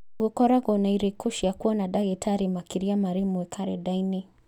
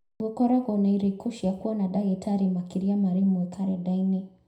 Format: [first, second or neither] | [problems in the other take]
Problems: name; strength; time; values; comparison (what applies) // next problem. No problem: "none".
first | room echo; dies away in 0.5 s